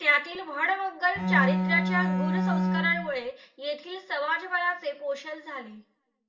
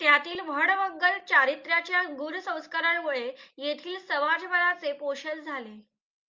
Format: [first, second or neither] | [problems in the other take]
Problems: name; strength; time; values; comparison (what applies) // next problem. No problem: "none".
second | background sound (Bowed string instrument); 3 dB above the speech // room echo; dies away in 0.4 s